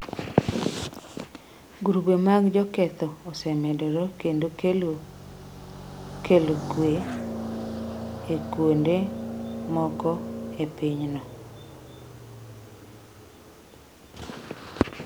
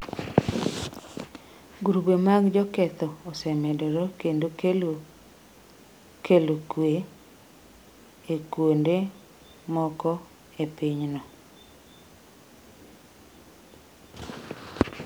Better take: second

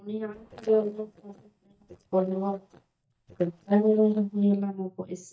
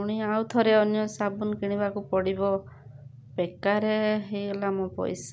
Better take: second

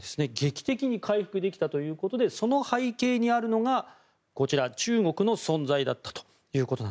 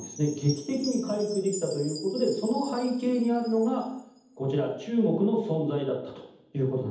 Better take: first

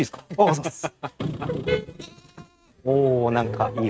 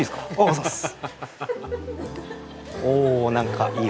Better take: second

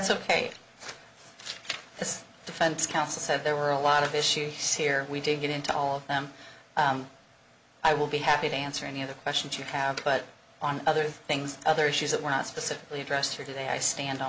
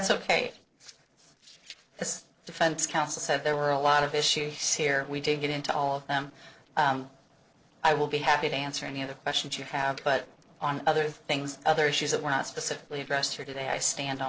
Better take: first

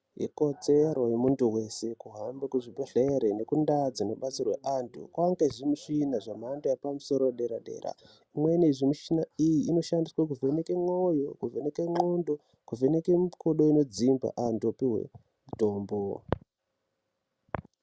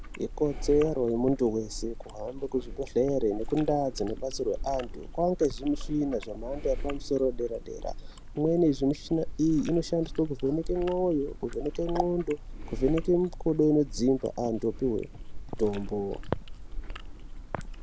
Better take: first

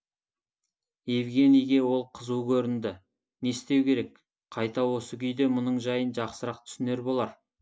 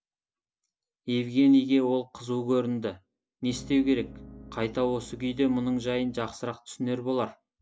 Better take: first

